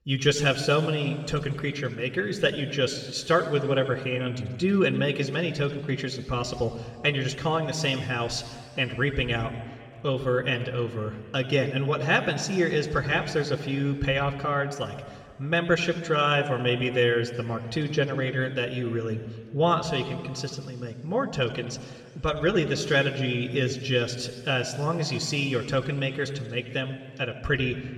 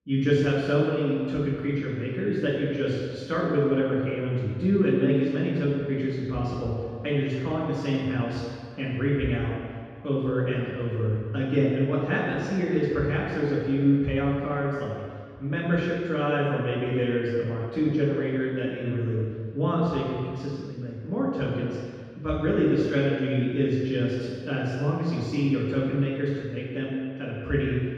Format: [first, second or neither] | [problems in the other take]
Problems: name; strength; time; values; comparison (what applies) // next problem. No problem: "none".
first | room echo; strong; dies away in 1.8 s; slight in the first // off-mic speech; far